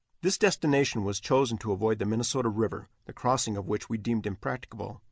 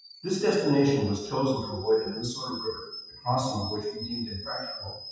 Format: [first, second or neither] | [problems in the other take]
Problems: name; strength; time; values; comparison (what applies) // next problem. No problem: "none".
first | noise reduction (classical method WPE with log-MMSE)